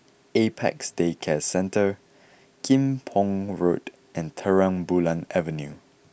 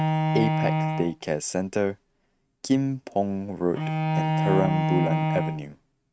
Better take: first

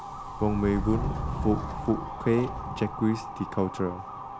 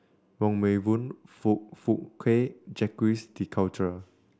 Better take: second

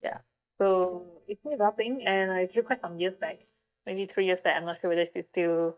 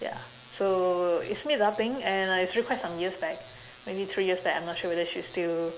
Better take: second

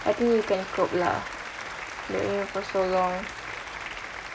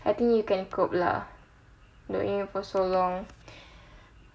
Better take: second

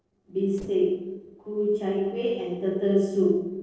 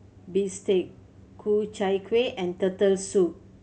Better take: second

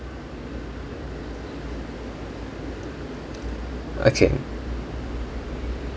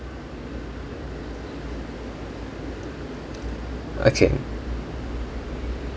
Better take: first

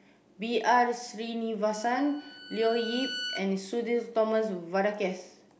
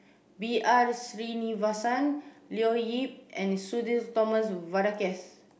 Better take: second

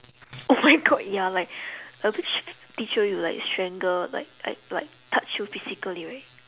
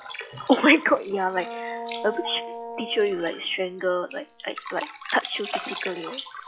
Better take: first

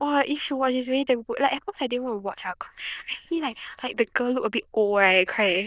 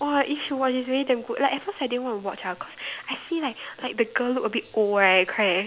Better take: second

